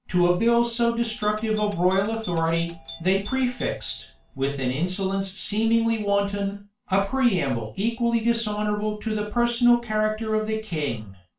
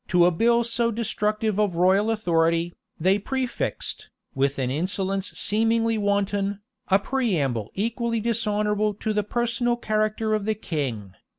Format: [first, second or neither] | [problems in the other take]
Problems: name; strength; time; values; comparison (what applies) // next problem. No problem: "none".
second | background sound (Doorbell); 17 dB below the speech // room echo; dies away in 0.2 s